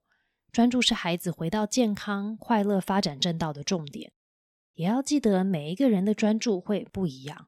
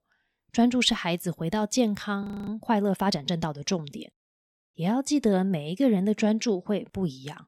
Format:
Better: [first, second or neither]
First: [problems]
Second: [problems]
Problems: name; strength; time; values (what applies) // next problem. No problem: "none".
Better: first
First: none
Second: audio freezing; at 2 s